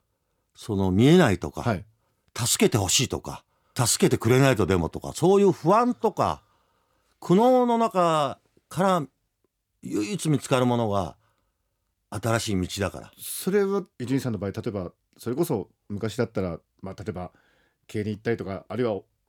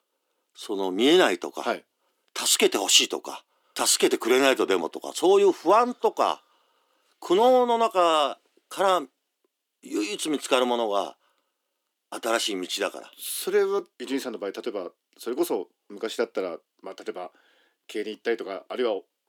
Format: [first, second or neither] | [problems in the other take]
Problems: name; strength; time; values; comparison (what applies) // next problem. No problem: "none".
first | thin; somewhat; fading below 300 Hz